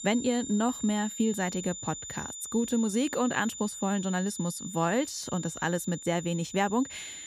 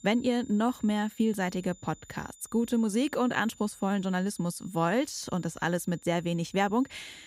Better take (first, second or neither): second